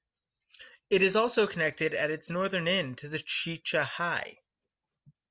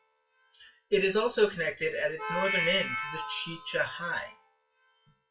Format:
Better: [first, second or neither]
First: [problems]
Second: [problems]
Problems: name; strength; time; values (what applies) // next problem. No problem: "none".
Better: first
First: none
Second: noise reduction (classical method WPE with log-MMSE)